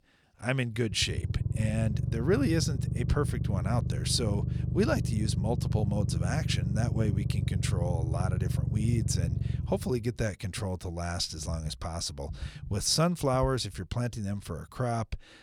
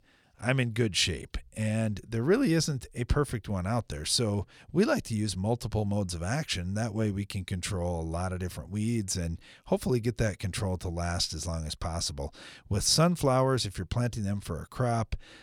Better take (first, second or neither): second